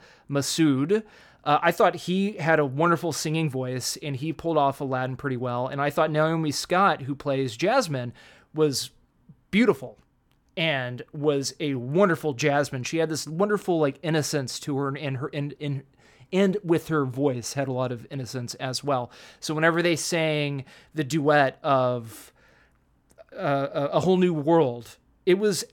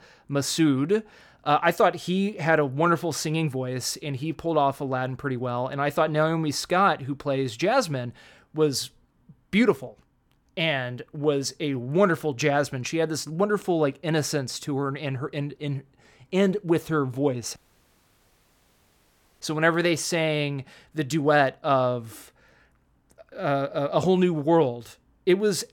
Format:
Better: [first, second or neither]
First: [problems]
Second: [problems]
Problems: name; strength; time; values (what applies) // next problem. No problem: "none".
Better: first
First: none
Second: audio cutting out; at 18 s for 2 s